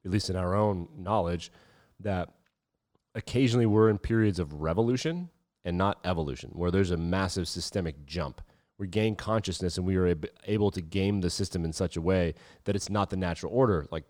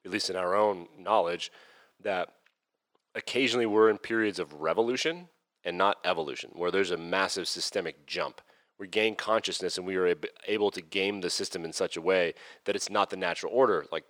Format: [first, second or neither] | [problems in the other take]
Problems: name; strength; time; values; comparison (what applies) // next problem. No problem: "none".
first | thin; somewhat; fading below 450 Hz